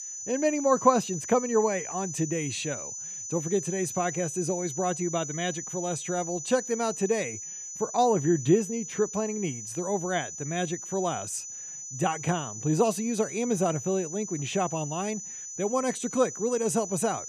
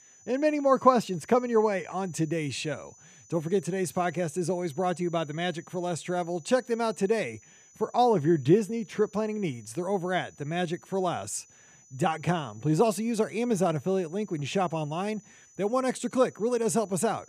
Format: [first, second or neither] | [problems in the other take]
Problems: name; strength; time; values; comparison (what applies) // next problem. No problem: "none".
second | high-pitched whine; loud; throughout; 6 kHz, 7 dB below the speech; faint in the second